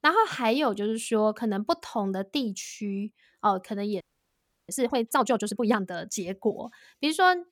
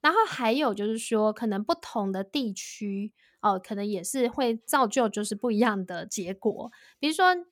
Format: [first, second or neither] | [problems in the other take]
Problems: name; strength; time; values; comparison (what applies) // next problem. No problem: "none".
second | audio freezing; at 4 s for 0.5 s